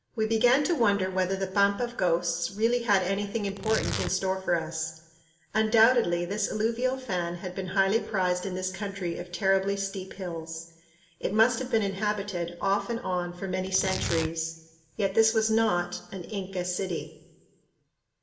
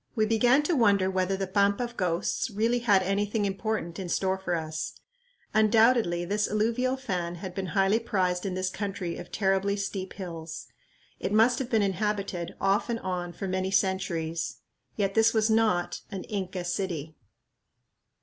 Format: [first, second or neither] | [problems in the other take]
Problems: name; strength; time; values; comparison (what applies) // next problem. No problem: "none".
second | background sound (Tearing); 9 dB below the speech // room echo; dies away in 0.9 s